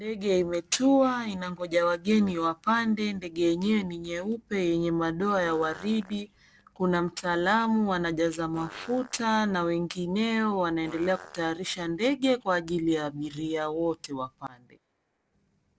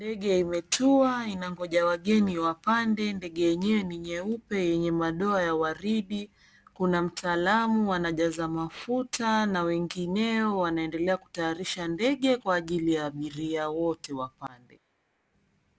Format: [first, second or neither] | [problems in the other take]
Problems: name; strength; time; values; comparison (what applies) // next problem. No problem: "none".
second | noise reduction (neural separator model SepFormer DNS4)